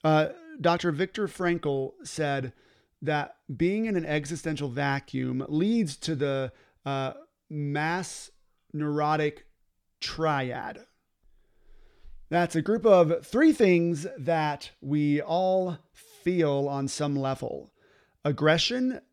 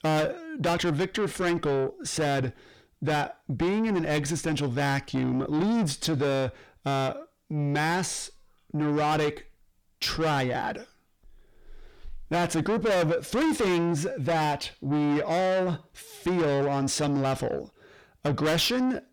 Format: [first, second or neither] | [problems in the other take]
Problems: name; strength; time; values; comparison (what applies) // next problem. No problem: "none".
first | distortion; heavy; 6 dB below the speech